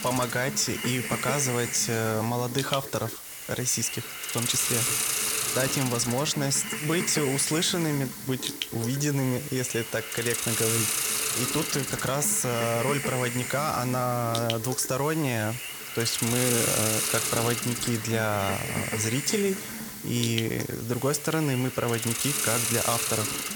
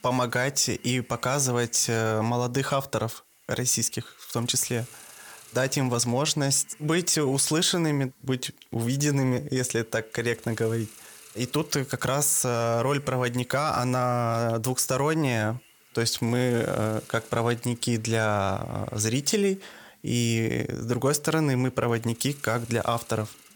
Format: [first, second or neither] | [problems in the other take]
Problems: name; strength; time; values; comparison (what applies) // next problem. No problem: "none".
second | hiss; loud; throughout; 1 dB below the speech; faint in the second